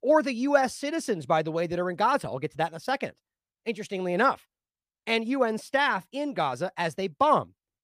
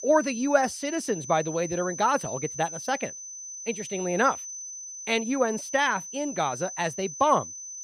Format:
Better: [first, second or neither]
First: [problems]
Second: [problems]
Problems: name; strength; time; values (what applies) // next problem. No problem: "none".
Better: first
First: none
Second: high-pitched whine; loud; throughout; 6 kHz, 9 dB below the speech